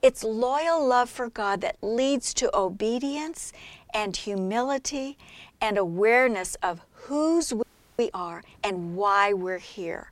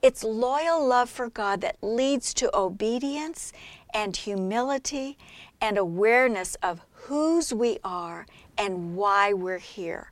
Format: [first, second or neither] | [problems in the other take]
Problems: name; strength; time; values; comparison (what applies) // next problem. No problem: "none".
second | audio freezing; at 7.5 s